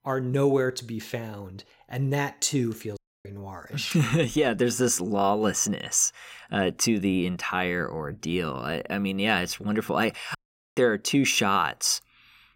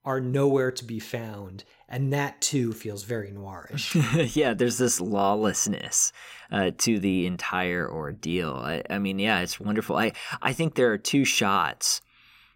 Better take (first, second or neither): second